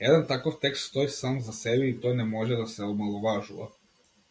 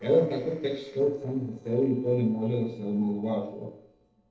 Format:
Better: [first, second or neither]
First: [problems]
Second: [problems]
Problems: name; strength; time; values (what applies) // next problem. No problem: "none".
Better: first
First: none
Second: noise reduction (neural separator model SepFormer DNS4)